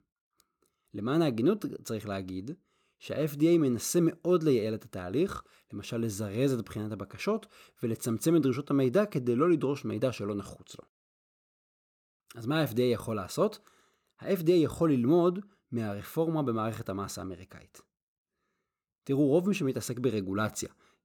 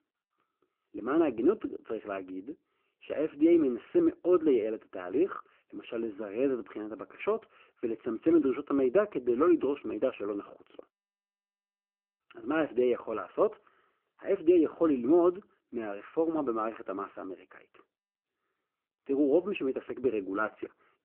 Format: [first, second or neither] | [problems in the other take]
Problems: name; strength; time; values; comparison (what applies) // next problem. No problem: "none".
first | phone-call audio; poor line